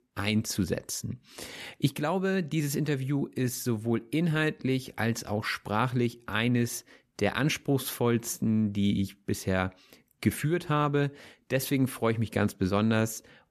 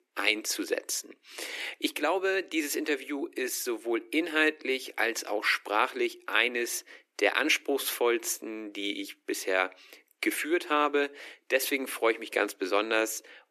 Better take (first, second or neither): first